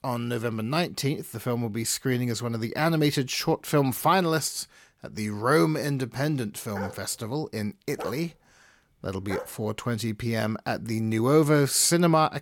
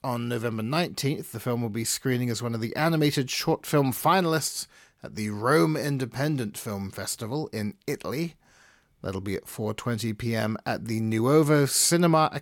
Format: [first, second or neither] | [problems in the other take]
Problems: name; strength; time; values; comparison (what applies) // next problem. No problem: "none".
second | dog barking; faint; from 7 to 9.5 s; peak 10 dB below the speech